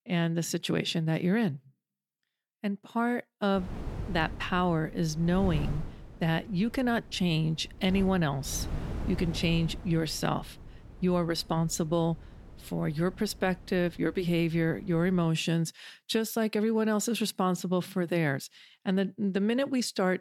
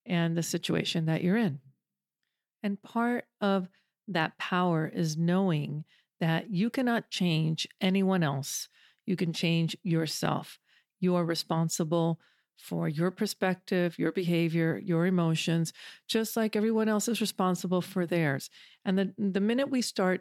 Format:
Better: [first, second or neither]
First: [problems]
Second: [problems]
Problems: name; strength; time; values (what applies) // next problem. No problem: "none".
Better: second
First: wind noise on the microphone; occasional gusts; from 3.5 to 15 s; 20 dB below the speech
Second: none